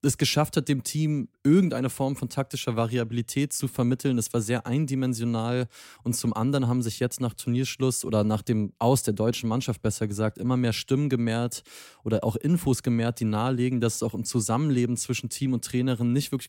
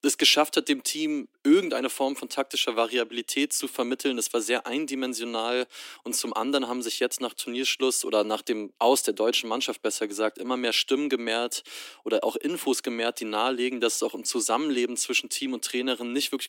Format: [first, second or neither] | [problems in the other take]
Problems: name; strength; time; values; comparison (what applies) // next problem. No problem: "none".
first | thin; somewhat; fading below 300 Hz